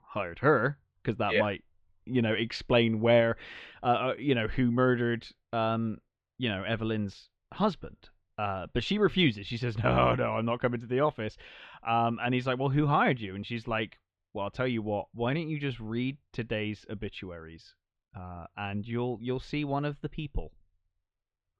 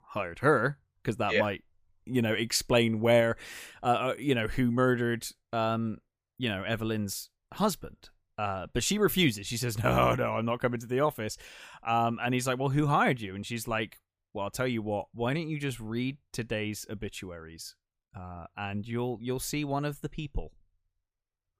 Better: second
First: muffled; slightly; fading above 3.5 kHz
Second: none

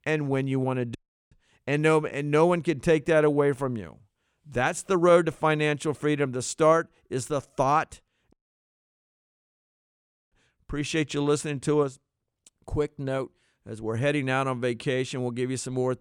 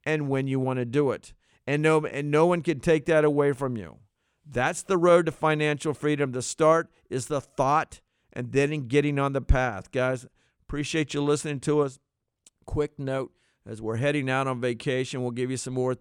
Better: second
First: audio cutting out; at 1 s and at 8.5 s for 2 s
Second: none

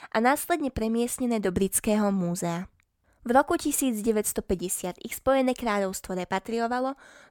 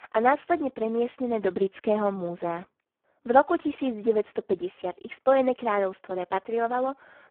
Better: first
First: none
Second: phone-call audio; poor line

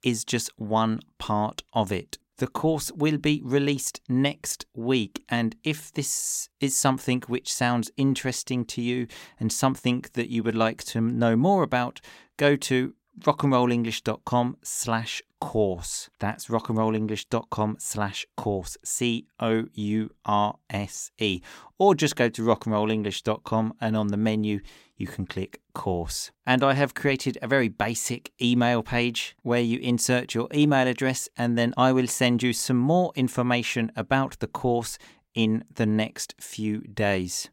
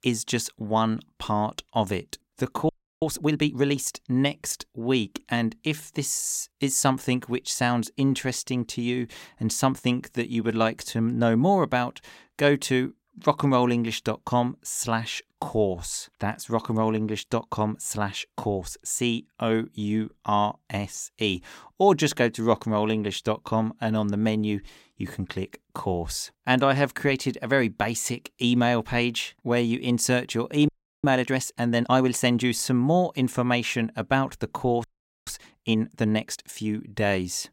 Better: first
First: none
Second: audio freezing; at 2.5 s, at 31 s and at 35 s

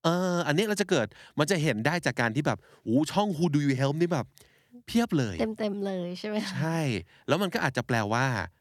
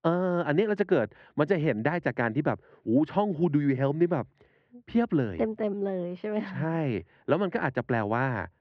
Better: first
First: none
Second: muffled; very; fading above 2.5 kHz

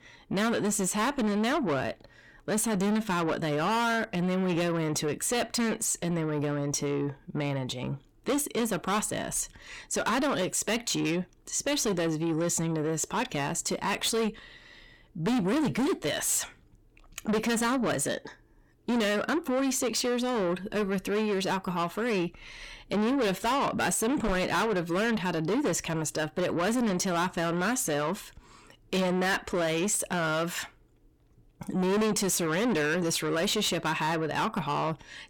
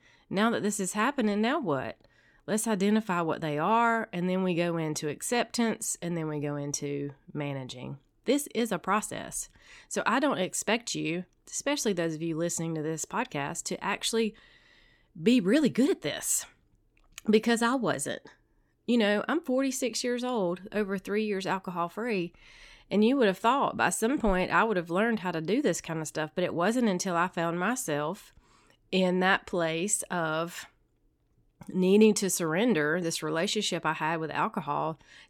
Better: second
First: distortion; heavy; 6 dB below the speech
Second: none

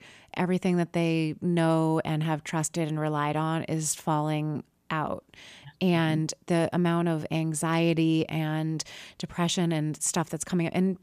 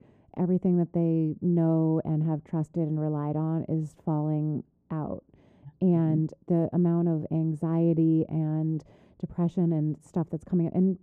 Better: first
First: none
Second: muffled; very; fading above 1 kHz

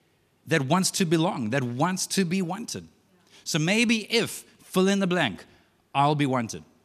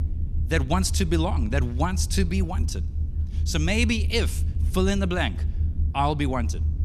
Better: first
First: none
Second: low rumble; noticeable; throughout; 15 dB below the speech

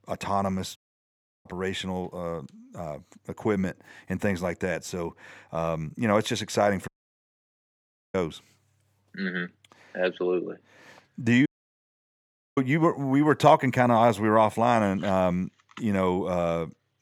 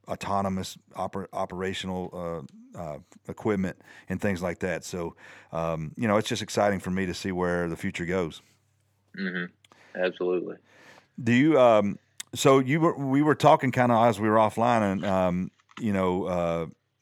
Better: second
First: audio cutting out; at 1 s for 0.5 s, at 7 s for 1.5 s and at 11 s for 1 s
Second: none

